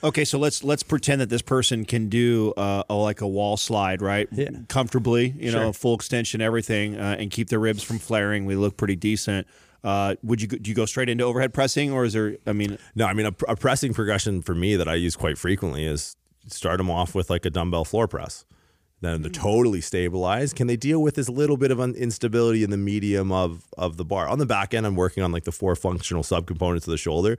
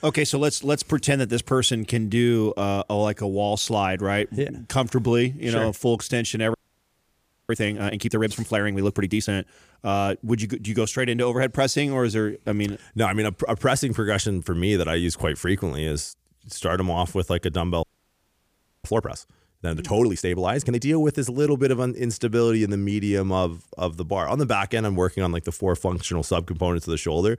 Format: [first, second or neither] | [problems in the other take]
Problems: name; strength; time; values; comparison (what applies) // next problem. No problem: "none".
first | audio freezing; at 6.5 s for 1 s and at 18 s for 1 s